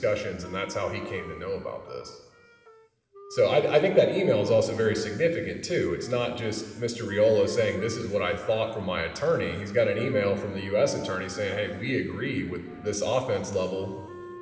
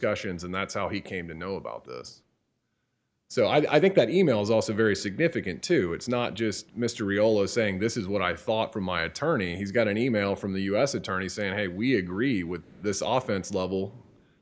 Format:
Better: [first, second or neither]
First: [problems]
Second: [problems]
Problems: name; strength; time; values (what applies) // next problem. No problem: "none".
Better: second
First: background sound (Wind instrument, woodwind instrument); 19 dB below the speech // room echo; dies away in 2.1 s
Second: none